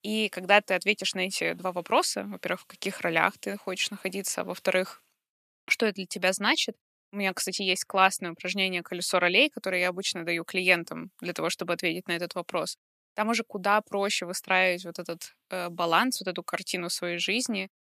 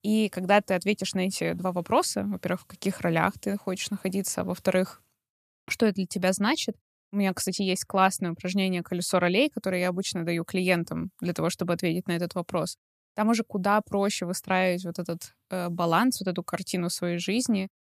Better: second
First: thin; very slightly; fading below 300 Hz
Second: none

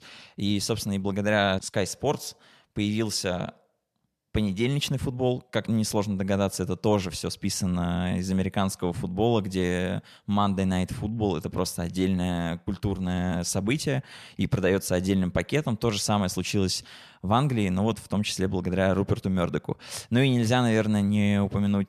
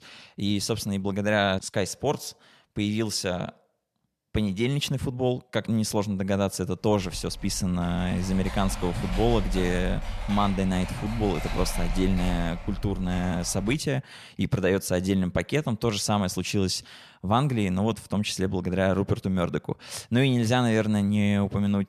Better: first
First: none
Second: keyboard typing; noticeable; from 7 to 14 s; peak 6 dB below the speech

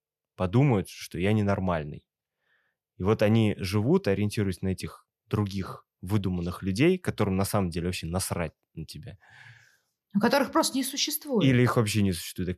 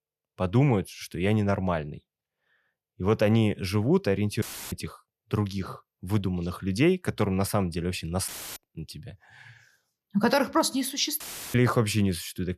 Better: first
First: none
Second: audio cutting out; filled with static; at 4.5 s, at 8.5 s and at 11 s

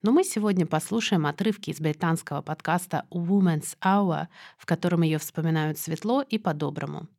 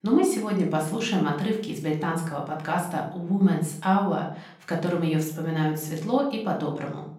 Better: first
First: none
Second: off-mic speech; far // room echo; slight; dies away in 0.5 s

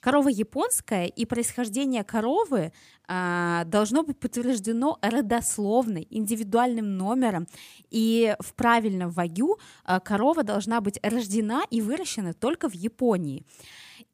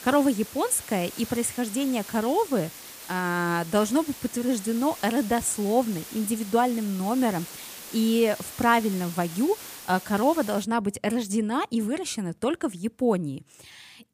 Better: first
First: none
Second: hiss; noticeable; until 11 s; 15 dB below the speech

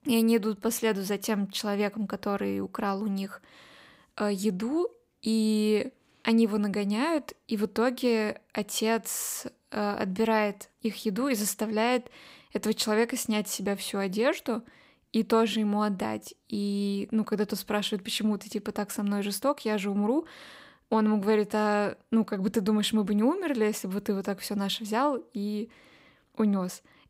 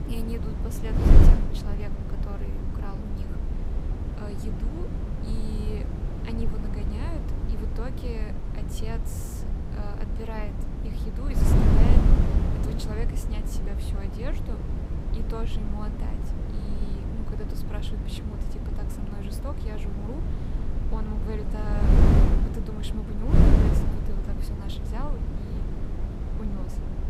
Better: first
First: none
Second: wind noise on the microphone; heavy; 4 dB above the speech

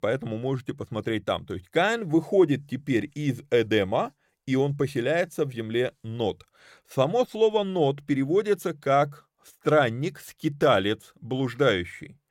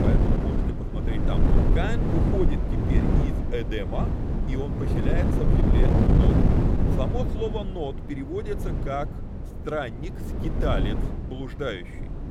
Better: first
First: none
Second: wind noise on the microphone; heavy; 1 dB above the speech

